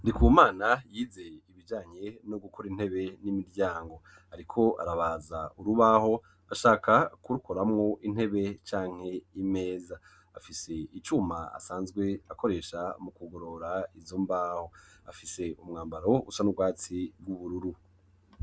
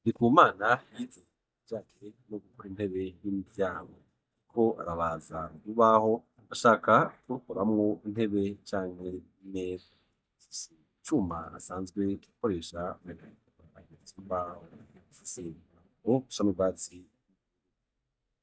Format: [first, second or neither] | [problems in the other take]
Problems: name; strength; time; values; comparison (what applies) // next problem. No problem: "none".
first | noise reduction (neural mask model DeepFilterNet 3)